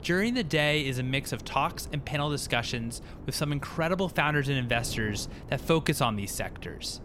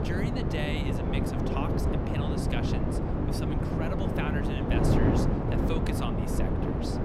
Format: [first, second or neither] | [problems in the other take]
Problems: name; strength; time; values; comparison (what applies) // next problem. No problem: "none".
first | wind noise on the microphone; heavy; 4 dB above the speech; occasional gusts in the first